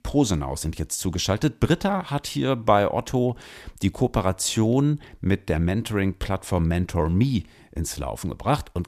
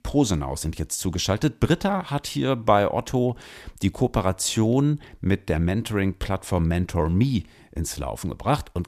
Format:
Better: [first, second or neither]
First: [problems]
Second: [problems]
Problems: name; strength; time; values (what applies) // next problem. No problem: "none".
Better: neither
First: none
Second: none